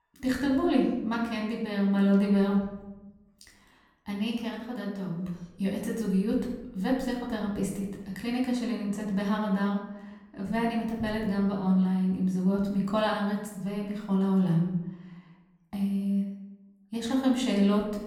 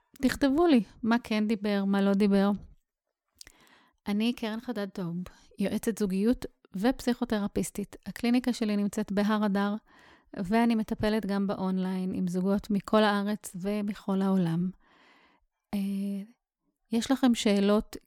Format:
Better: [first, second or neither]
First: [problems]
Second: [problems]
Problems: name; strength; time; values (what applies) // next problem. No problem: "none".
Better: second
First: off-mic speech; far // room echo; noticeable; dies away in 0.9 s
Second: none